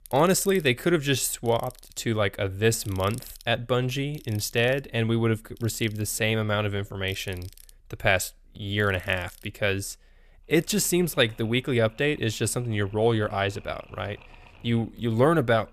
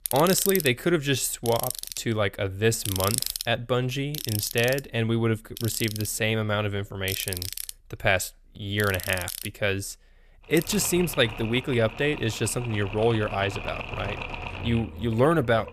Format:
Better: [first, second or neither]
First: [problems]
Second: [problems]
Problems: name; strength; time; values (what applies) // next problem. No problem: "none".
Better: first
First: machinery noise; faint; throughout; 25 dB below the speech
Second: machinery noise; loud; throughout; 7 dB below the speech